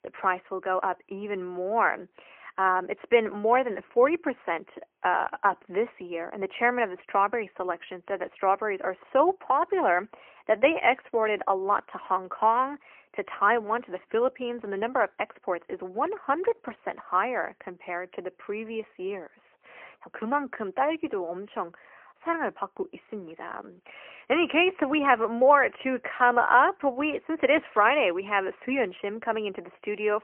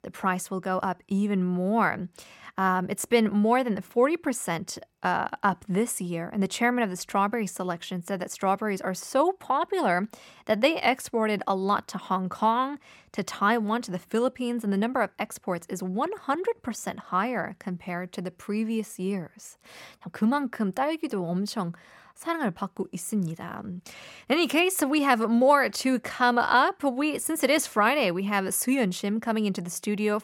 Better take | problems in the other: second | phone-call audio; poor line; nothing above 3 kHz

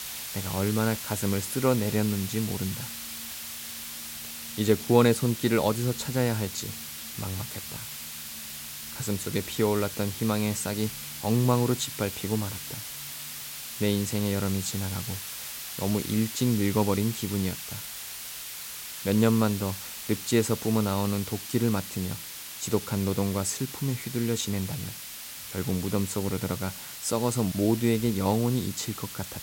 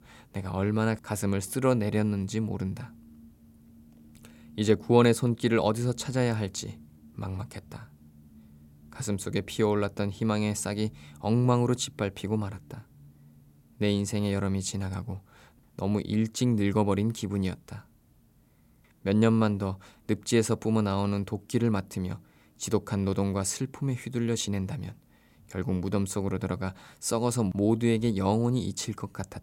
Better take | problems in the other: second | hiss; loud; throughout; 8 dB below the speech

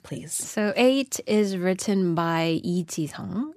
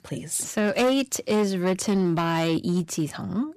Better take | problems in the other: first | distortion; slight; 8% of the sound clipped

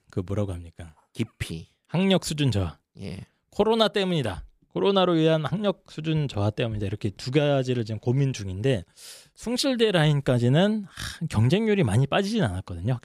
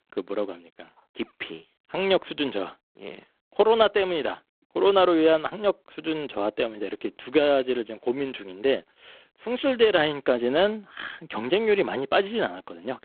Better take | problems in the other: first | phone-call audio; poor line

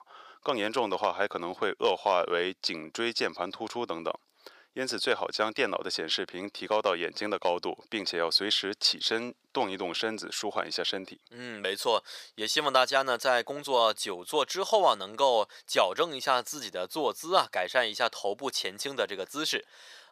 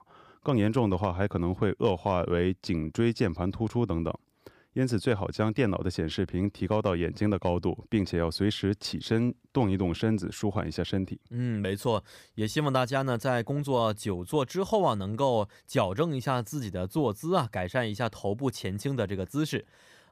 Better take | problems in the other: second | thin; very; fading below 600 Hz

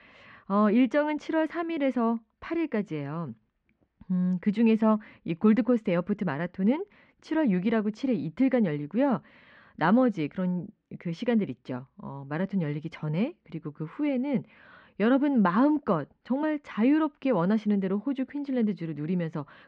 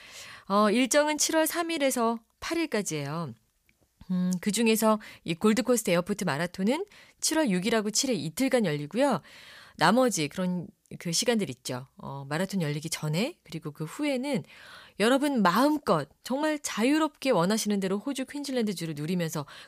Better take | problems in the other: second | muffled; very; fading above 2.5 kHz

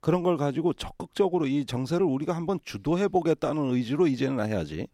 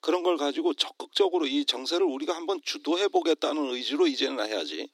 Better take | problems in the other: first | thin; very slightly; fading below 300 Hz

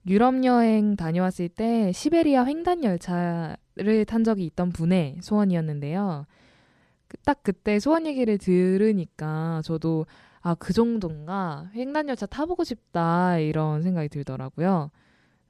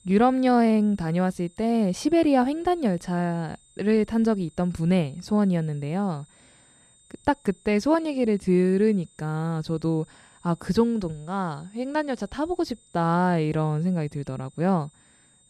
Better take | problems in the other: first | high-pitched whine; faint; throughout; 8.5 kHz, 30 dB below the speech

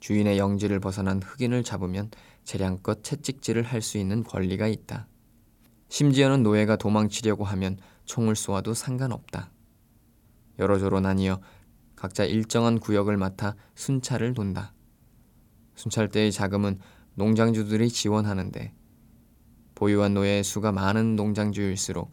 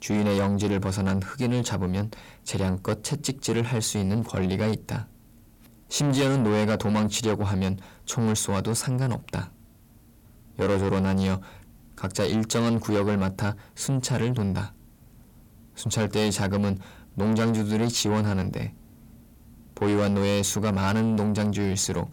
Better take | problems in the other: first | distortion; heavy; 8 dB below the speech

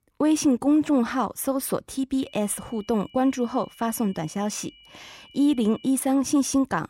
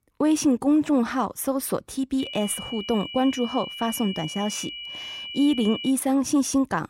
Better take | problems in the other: first | high-pitched whine; loud; from 2 to 6 s; 3 kHz, 9 dB below the speech; faint in the first

